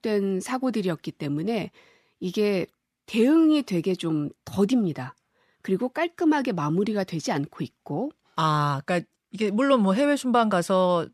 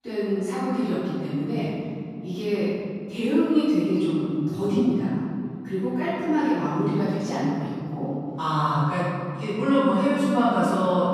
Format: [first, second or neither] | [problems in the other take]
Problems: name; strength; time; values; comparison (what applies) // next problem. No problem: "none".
first | room echo; strong; dies away in 2.7 s // off-mic speech; far